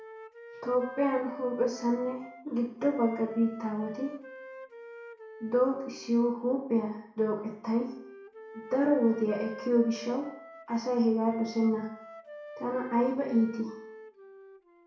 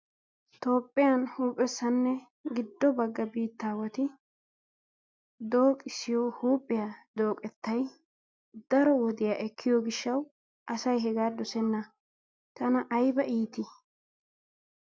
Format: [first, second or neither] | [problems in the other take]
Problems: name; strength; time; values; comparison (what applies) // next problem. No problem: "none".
second | background sound (Wind instrument, woodwind instrument); 17 dB below the speech // room echo; dies away in 0.6 s